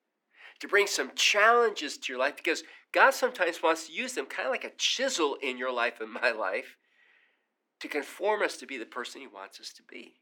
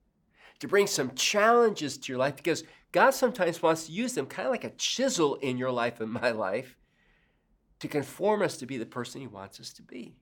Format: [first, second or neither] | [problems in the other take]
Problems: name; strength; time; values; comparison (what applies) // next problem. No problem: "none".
second | thin; somewhat; fading below 300 Hz